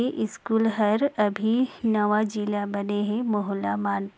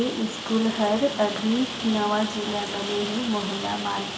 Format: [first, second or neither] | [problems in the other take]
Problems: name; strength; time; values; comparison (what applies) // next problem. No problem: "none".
first | background sound (Rain); 7 dB below the speech // room echo; dies away in 2.2 s